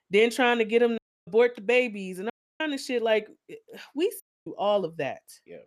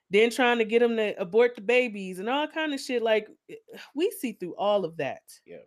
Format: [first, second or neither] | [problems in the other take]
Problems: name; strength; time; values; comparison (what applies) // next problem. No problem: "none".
second | audio cutting out; at 1 s, at 2.5 s and at 4 s